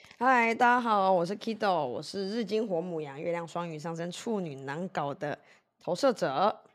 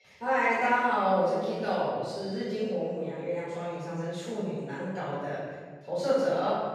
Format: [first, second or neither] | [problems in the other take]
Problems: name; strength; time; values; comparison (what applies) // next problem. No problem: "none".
first | off-mic speech; far // room echo; strong; dies away in 1.5 s